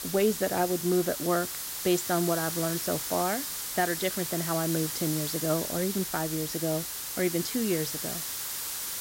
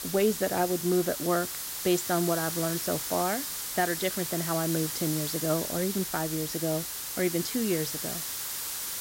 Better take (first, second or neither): neither